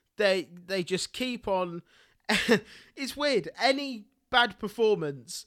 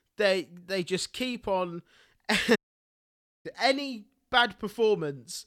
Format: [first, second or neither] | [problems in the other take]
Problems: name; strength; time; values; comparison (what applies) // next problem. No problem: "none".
first | audio cutting out; at 2.5 s for 1 s